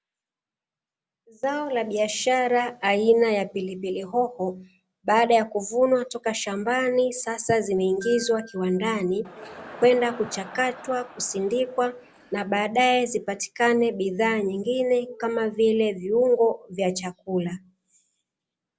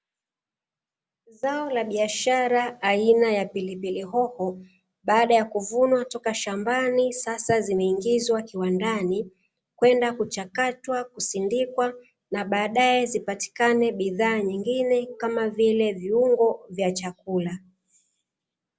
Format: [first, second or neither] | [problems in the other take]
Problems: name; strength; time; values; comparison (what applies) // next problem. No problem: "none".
second | background sound (Crowd + Glockenspiel); 18 dB below the speech